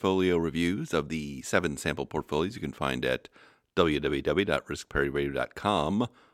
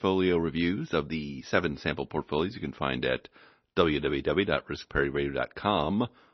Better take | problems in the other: first | garbled, watery; slightly; nothing above 6 kHz

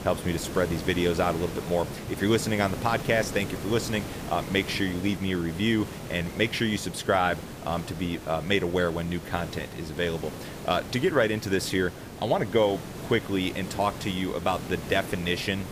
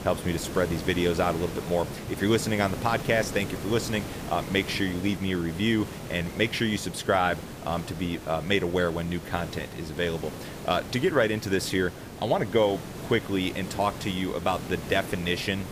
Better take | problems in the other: neither | hiss; noticeable; throughout; 10 dB below the speech; the same in both

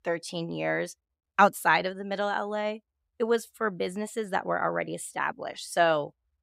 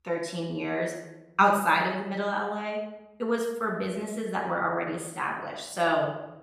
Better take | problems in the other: first | room echo; noticeable; dies away in 0.7 s // off-mic speech; somewhat distant

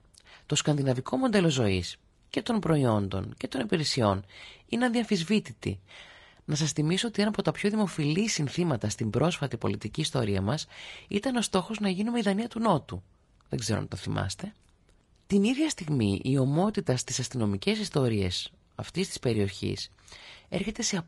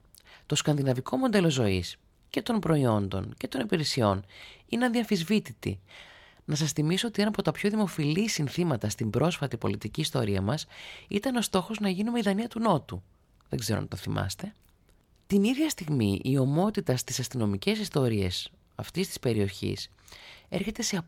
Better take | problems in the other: second | garbled, watery; slightly; nothing above 10.5 kHz

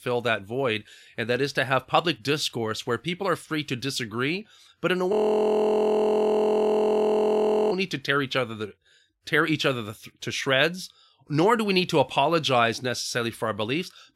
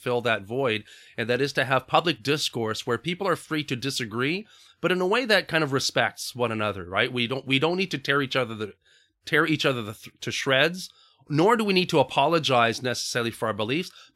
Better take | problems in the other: second | audio freezing; at 5 s for 2.5 s

